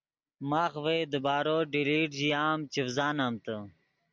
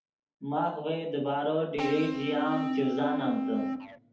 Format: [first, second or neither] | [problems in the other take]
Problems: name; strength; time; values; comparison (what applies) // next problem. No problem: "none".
first | background sound (Electric guitar / Bass guitar); 1 dB below the speech // room echo; dies away in 0.6 s